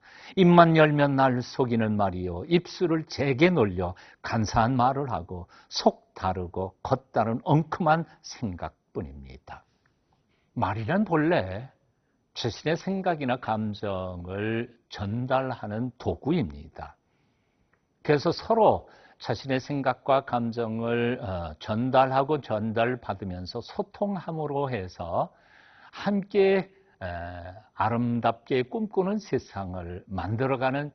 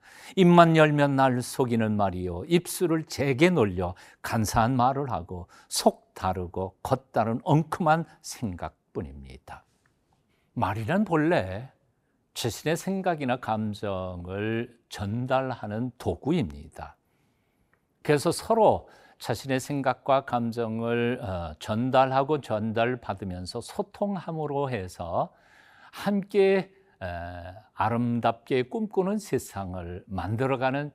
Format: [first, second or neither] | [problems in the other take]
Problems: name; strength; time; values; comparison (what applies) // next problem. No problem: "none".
second | garbled, watery; badly; nothing above 6 kHz